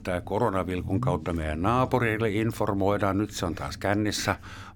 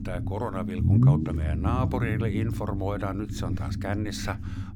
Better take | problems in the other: first | low rumble; loud; throughout; 4 dB below the speech; faint in the first

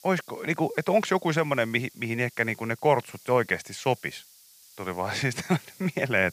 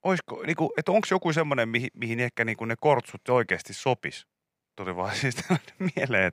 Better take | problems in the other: second | hiss; faint; throughout; 25 dB below the speech

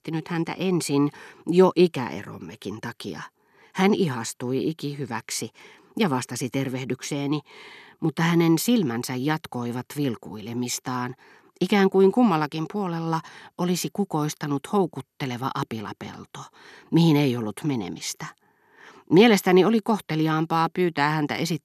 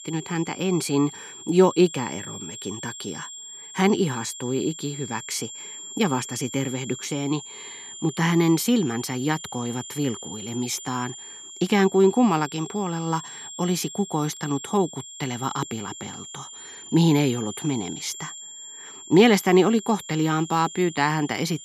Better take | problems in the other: first | high-pitched whine; noticeable; throughout; 7.5 kHz, 15 dB below the speech

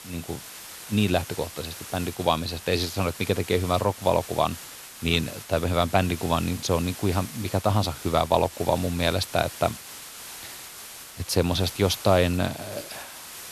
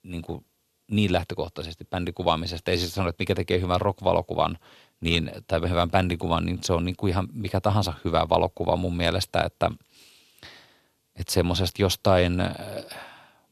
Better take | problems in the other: second | hiss; noticeable; throughout; 15 dB below the speech

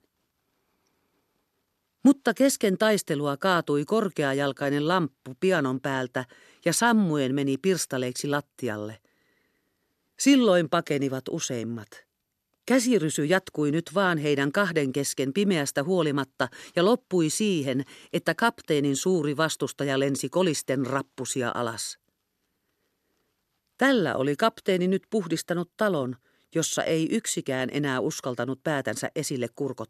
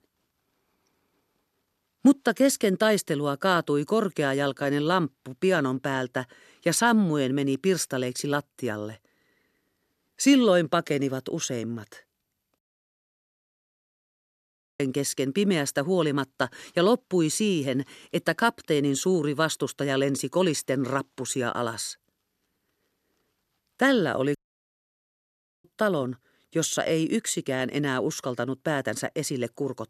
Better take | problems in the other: first | audio cutting out; at 13 s for 2 s and at 24 s for 1.5 s

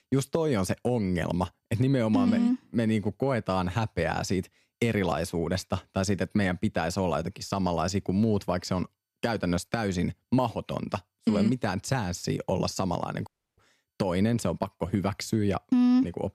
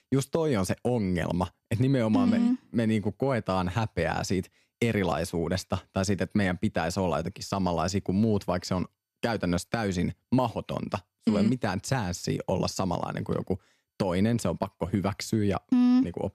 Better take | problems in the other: second | audio cutting out; at 13 s

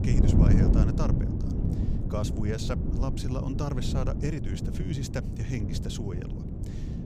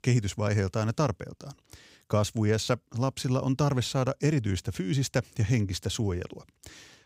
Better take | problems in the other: second | wind noise on the microphone; heavy; 1 dB below the speech

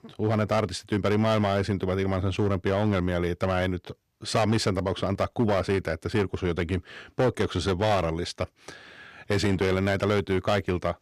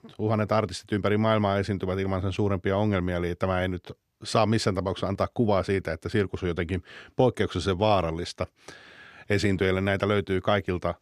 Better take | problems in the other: second | distortion; slight; 8% of the sound clipped

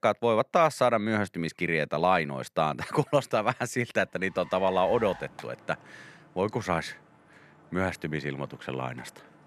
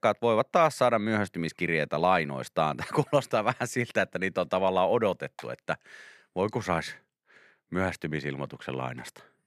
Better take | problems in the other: second | traffic noise; faint; from 4 s on; 20 dB below the speech

